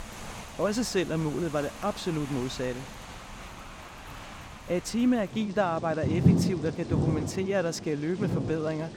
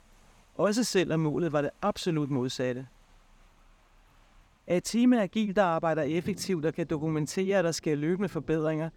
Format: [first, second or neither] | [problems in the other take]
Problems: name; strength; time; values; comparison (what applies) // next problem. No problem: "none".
second | rain or running water; loud; throughout; 3 dB below the speech; faint in the second